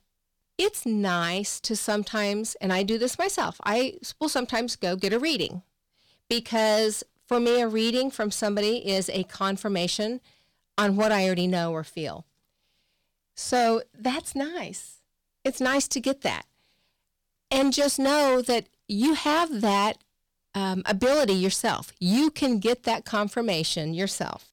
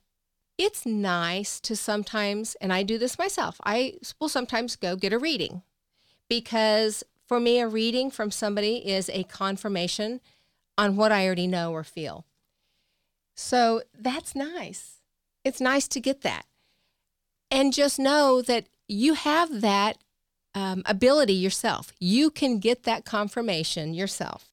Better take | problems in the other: second | distortion; slight; 6% of the sound clipped

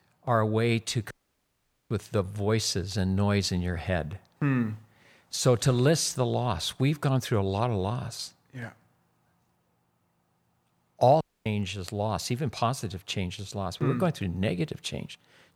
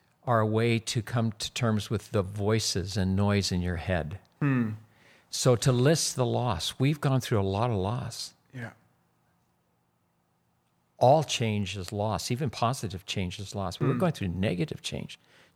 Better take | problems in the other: second | audio cutting out; at 1 s for 1 s and at 11 s

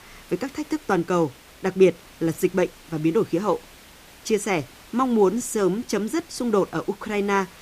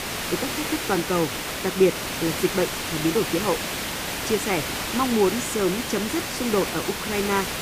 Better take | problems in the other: first | hiss; loud; throughout; 2 dB below the speech; faint in the first

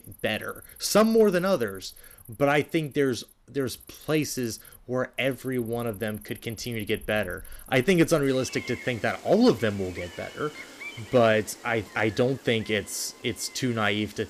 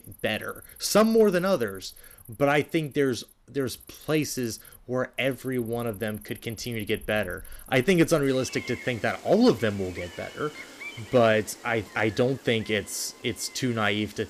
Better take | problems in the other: neither | animal sounds; noticeable; throughout; 20 dB below the speech; the same in both

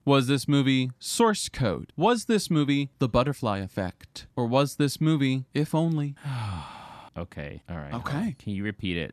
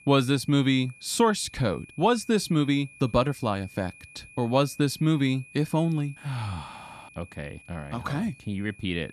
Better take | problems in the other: first | high-pitched whine; faint; throughout; 2.5 kHz, 25 dB below the speech

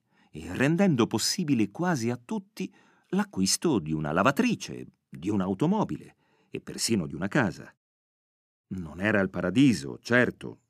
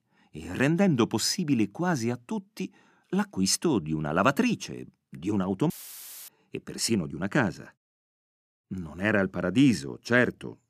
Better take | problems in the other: first | audio cutting out; filled with static; at 5.5 s for 0.5 s

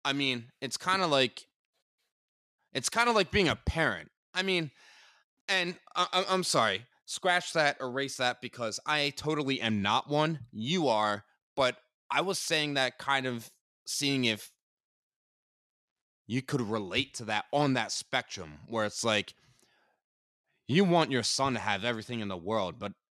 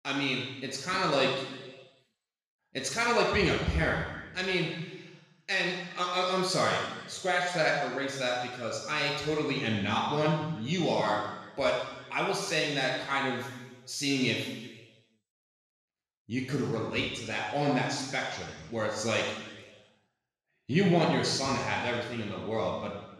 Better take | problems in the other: first | room echo; noticeable; dies away in 1.1 s // off-mic speech; far

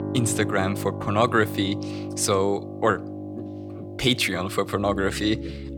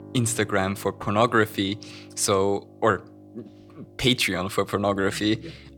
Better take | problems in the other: second | background music; loud; throughout; 9 dB below the speech; faint in the second

